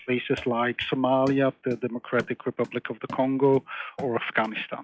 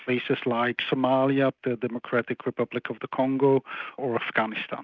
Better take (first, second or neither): second